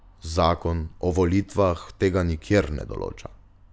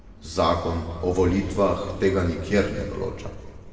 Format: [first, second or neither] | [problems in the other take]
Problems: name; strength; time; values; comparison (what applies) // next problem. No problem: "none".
first | background sound (Wind); 16 dB below the speech // room echo; dies away in 1.8 s